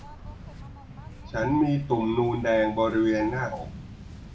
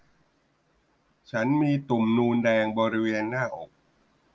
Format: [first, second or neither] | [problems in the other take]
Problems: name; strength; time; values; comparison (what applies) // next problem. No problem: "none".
second | background sound (Waves, surf); 14 dB below the speech // room echo; dies away in 0.3 s